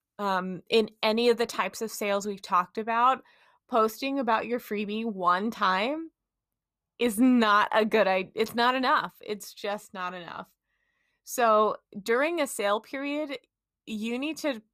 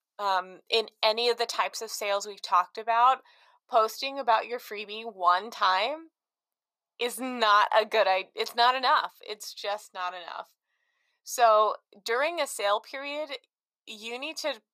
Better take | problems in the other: first | thin; very; fading below 600 Hz

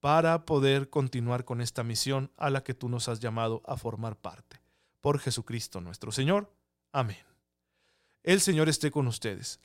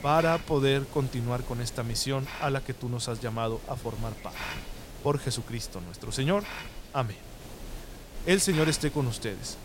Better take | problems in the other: first | hiss; noticeable; throughout; 10 dB below the speech

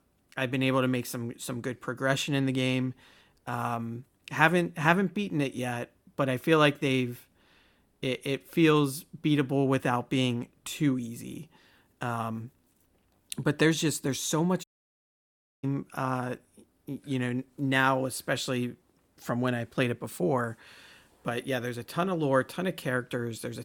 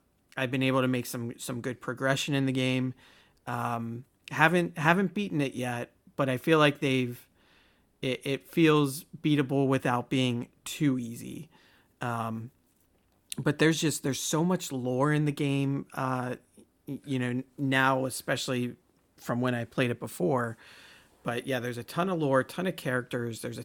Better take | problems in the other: second | audio cutting out; at 15 s for 1 s

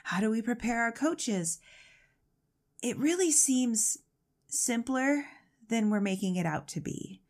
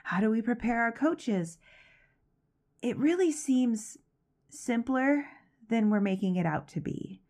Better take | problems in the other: first | muffled; very; fading above 3.5 kHz

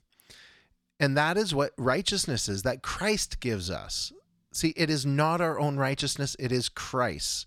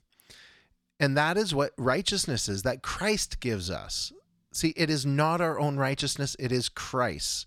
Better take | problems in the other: neither | none

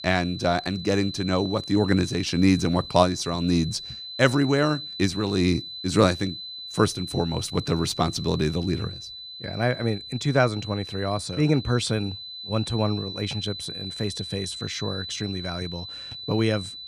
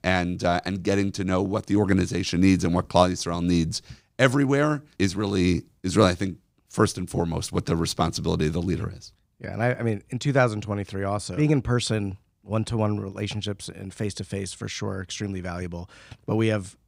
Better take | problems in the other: second | high-pitched whine; loud; throughout; 4 kHz, 10 dB below the speech

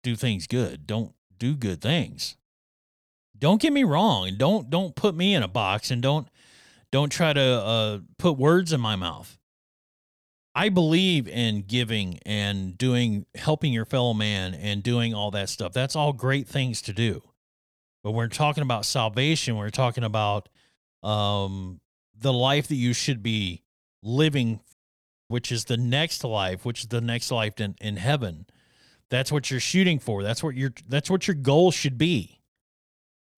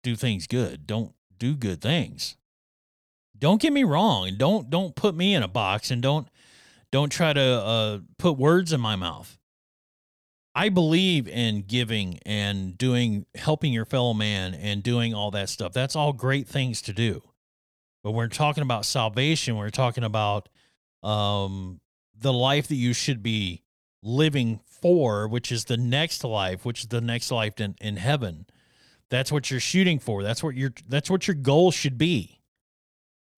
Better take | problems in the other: second | audio cutting out; at 25 s for 0.5 s

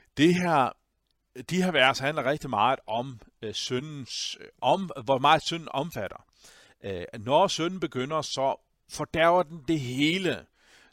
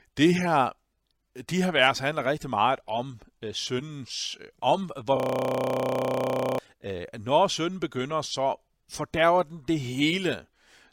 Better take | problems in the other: first | audio freezing; at 5 s for 1.5 s

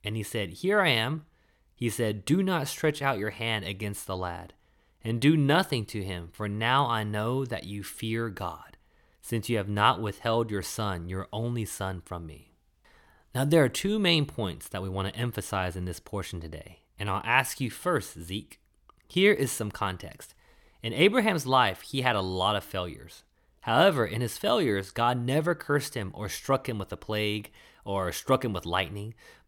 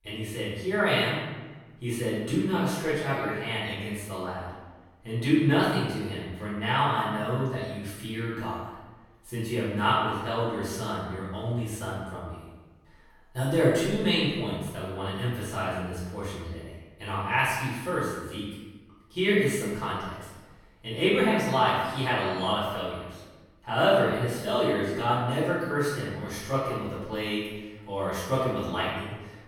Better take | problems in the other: first | room echo; strong; dies away in 1.1 s // off-mic speech; far

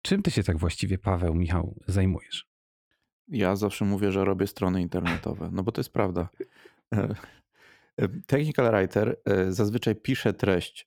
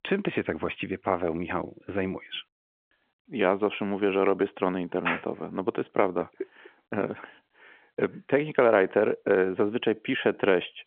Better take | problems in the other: first | phone-call audio; nothing above 3.5 kHz

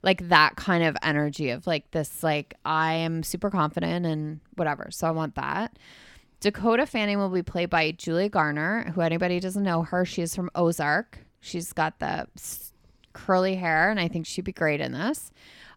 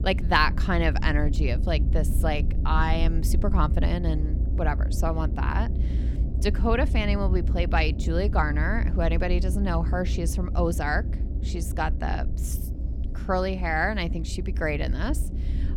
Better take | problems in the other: first | low rumble; noticeable; throughout; 15 dB below the speech

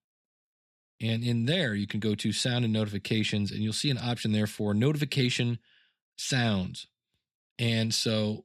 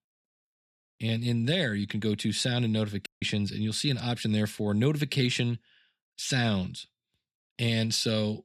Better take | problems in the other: first | audio cutting out; at 3 s

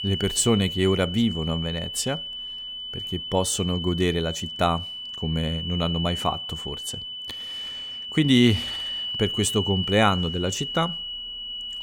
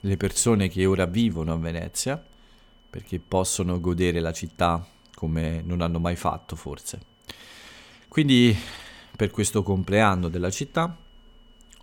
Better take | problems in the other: second | high-pitched whine; loud; throughout; 3 kHz, 5 dB below the speech; faint in the second

